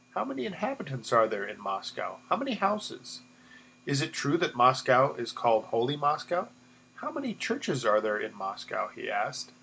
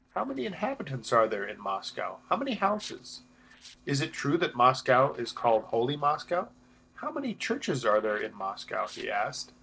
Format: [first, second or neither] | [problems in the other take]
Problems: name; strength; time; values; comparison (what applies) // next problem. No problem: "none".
first | noise reduction (neural separator model SepFormer DNS4)